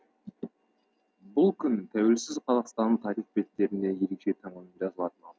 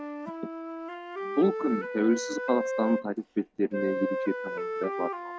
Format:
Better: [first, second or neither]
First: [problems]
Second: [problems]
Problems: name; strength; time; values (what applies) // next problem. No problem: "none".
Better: first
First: none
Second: background sound (Wind instrument, woodwind instrument); 4 dB below the speech